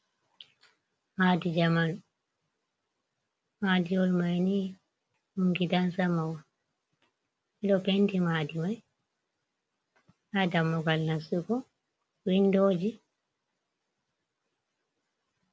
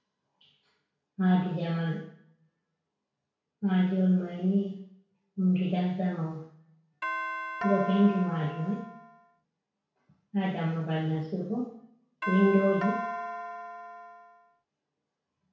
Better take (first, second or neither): first